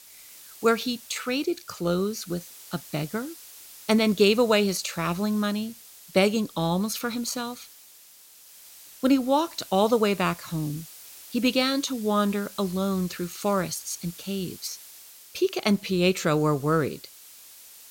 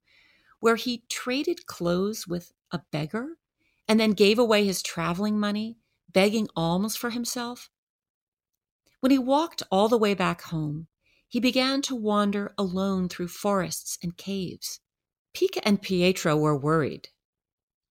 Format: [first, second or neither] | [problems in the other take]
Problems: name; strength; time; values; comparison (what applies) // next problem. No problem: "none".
second | hiss; noticeable; throughout; 20 dB below the speech